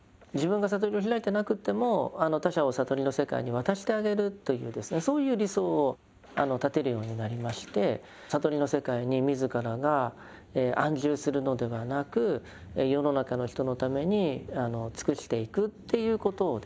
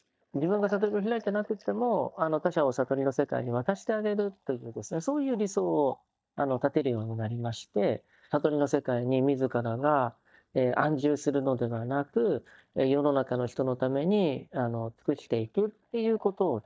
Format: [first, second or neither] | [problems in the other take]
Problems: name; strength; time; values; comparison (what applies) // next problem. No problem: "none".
first | noise reduction (neural mask model DeepFilterNet 3)